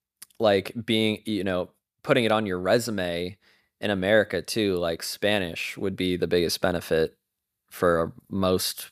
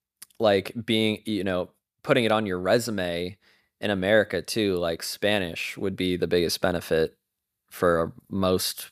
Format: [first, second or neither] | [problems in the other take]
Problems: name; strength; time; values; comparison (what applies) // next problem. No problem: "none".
neither | none